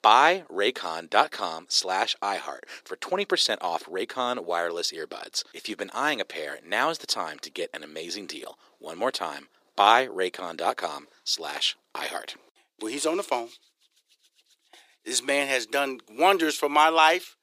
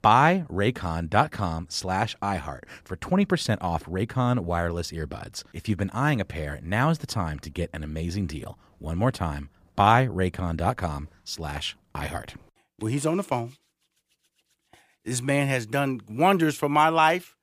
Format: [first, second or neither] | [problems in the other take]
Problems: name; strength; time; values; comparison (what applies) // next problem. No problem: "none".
second | thin; very; fading below 350 Hz